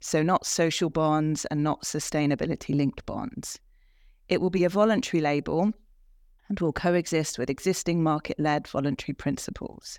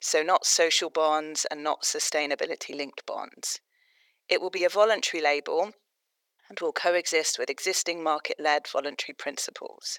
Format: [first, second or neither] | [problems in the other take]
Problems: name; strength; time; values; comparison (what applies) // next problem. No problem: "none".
first | thin; very; fading below 450 Hz